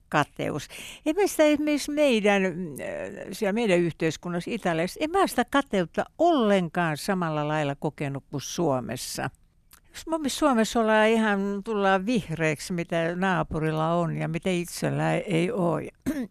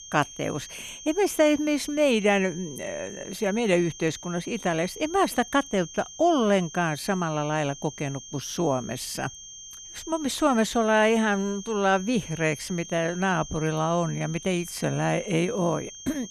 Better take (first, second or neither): first